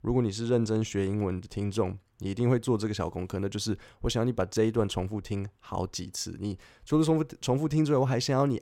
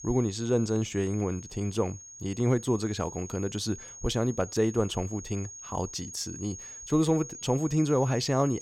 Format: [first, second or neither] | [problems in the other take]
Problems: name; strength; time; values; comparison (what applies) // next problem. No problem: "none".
first | high-pitched whine; noticeable; throughout; 6.5 kHz, 15 dB below the speech